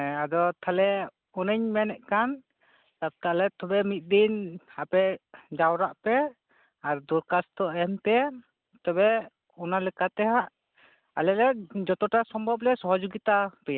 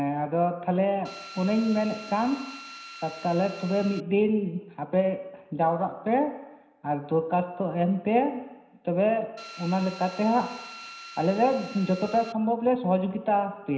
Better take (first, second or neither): first